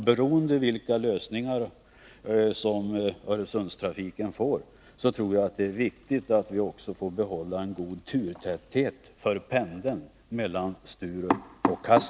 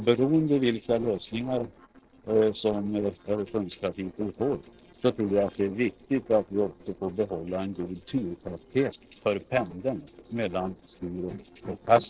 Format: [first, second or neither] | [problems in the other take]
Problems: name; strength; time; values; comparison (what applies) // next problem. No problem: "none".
first | noise reduction (neural separator model SepFormer DNS4)